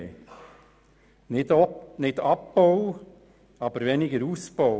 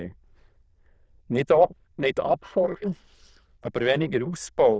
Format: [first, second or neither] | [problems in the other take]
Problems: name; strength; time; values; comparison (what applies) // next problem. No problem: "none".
first | noise reduction (neural diffusion model UNIVERSE++)